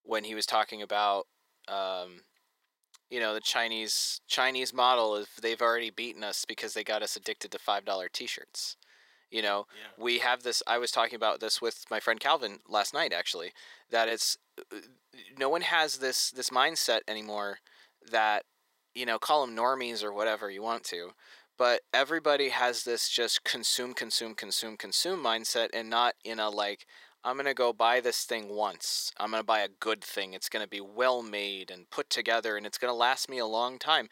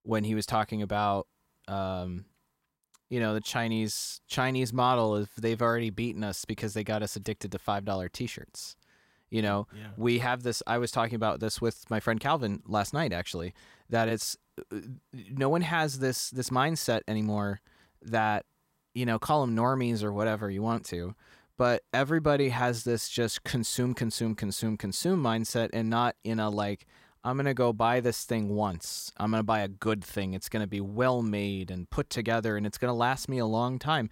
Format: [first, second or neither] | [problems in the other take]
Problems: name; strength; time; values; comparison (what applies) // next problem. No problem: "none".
second | thin; very; fading below 400 Hz